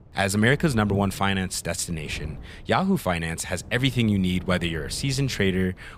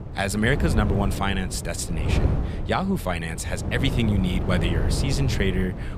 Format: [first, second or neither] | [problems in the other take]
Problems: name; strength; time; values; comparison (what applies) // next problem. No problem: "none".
first | wind noise on the microphone; heavy; 8 dB below the speech; occasional gusts in the first